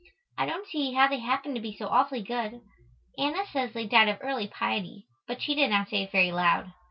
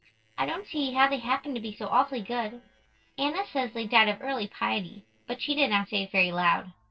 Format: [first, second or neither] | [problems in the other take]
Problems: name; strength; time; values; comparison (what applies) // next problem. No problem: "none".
first | noise reduction (neural separator model SepFormer DNS4)